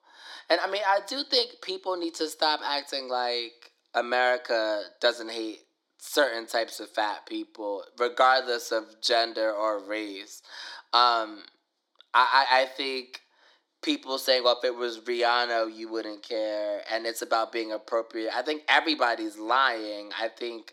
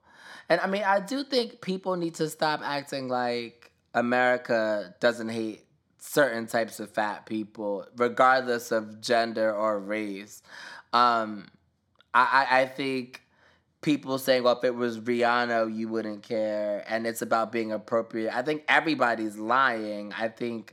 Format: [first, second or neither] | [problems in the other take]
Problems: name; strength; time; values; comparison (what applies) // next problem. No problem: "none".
second | thin; somewhat; fading below 300 Hz